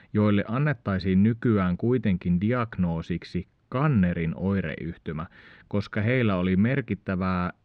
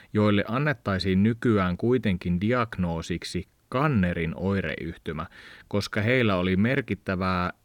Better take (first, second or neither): second